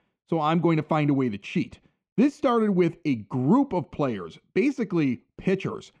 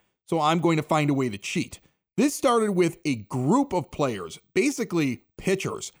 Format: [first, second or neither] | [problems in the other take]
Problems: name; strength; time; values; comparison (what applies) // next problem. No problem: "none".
second | muffled; slightly; fading above 3 kHz